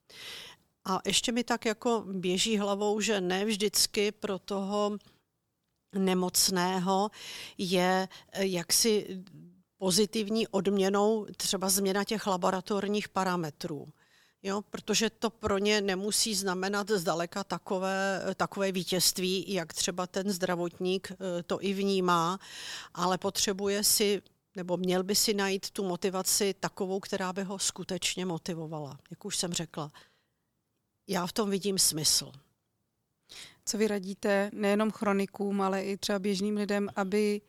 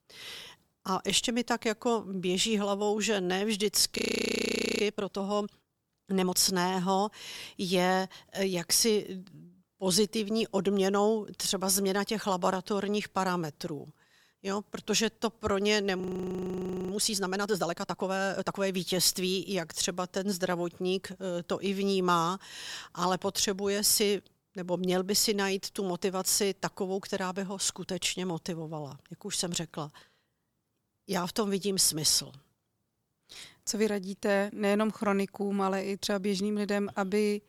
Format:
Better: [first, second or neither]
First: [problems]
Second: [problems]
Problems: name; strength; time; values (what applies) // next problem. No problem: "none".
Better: first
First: none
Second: audio freezing; at 4 s for 1 s and at 16 s for 1 s